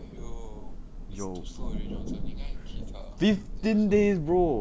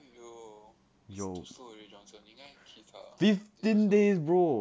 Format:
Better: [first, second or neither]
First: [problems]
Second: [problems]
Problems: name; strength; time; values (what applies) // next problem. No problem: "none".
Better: second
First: background sound (Thunder / Rain); 6 dB below the speech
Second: none